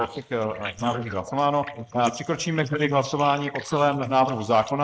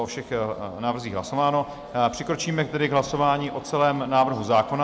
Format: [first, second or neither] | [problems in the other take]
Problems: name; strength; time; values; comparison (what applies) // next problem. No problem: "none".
second | noise reduction (neural mask model Resemble Enhance denoiser)